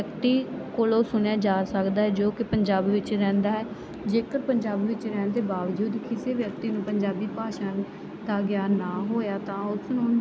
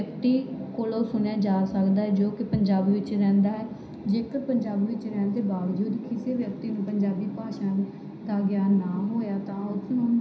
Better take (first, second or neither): first